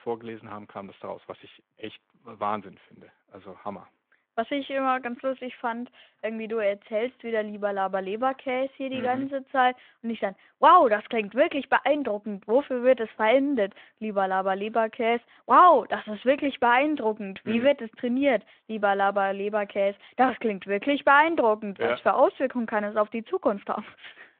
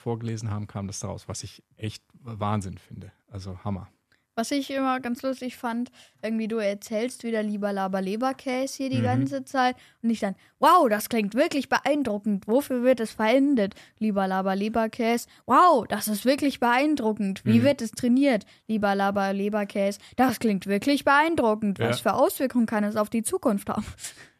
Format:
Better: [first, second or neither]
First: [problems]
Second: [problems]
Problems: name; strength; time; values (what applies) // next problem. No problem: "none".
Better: second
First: phone-call audio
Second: none